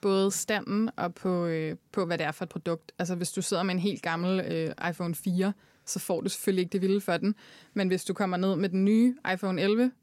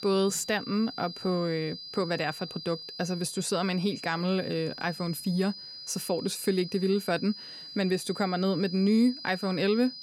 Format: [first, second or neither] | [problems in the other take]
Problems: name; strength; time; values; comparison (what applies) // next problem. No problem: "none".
first | high-pitched whine; noticeable; throughout; 5 kHz, 10 dB below the speech